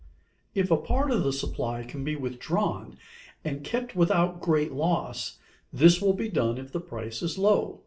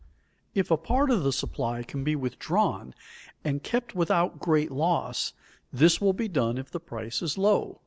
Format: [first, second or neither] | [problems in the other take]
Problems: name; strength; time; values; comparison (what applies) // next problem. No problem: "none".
second | room echo; dies away in 0.3 s